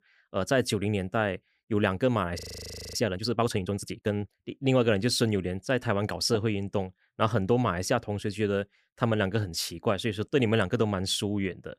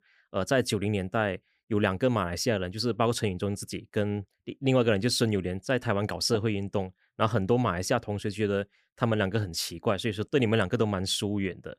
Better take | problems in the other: second | audio freezing; at 2.5 s for 0.5 s

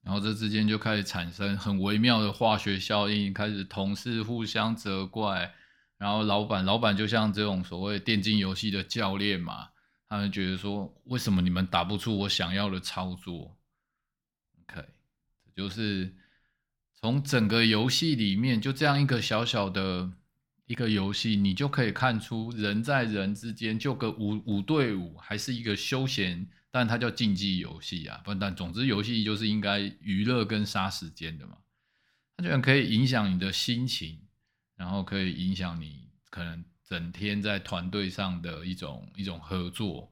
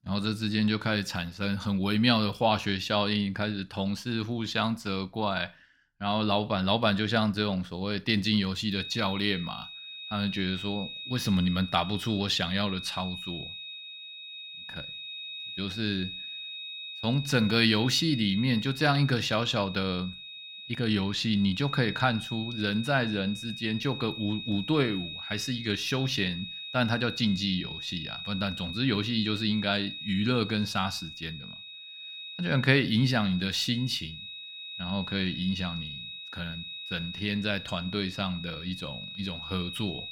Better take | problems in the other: first | high-pitched whine; loud; from 8.5 s on; 4 kHz, 9 dB below the speech

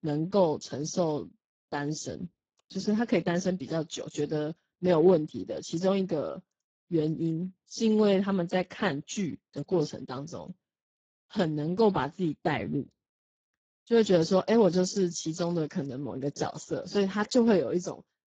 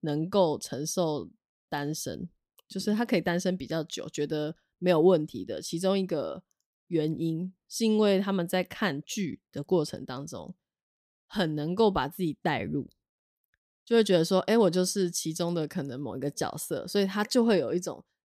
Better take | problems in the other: second | garbled, watery; badly

